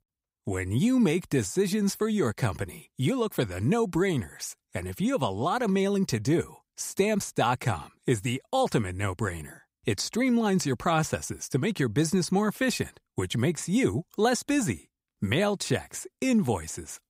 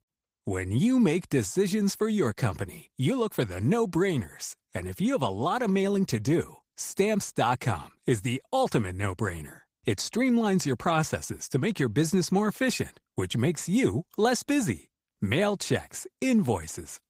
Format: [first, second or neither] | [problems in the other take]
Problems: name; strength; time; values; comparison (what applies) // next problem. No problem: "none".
first | garbled, watery; slightly; nothing above 15.5 kHz